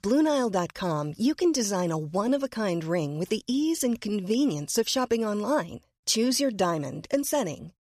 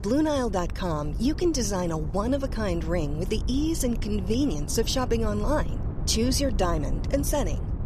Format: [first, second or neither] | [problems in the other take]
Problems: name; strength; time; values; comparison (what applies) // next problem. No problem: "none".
first | wind noise on the microphone; occasional gusts; 15 dB below the speech